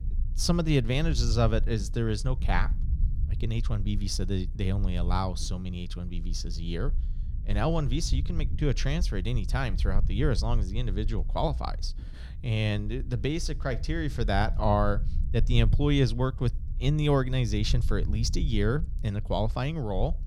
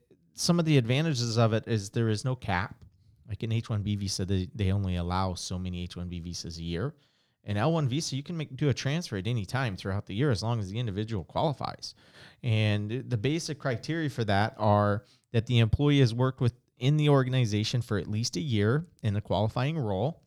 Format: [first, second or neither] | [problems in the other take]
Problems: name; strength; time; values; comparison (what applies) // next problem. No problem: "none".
second | low rumble; noticeable; throughout; 20 dB below the speech